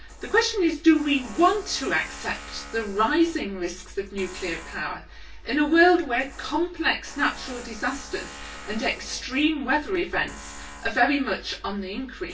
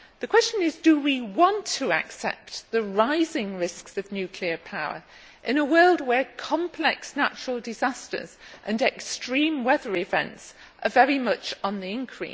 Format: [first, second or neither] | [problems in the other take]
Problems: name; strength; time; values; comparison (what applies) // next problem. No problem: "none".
second | background sound (Tools); 18 dB below the speech // room echo; dies away in 0.1 s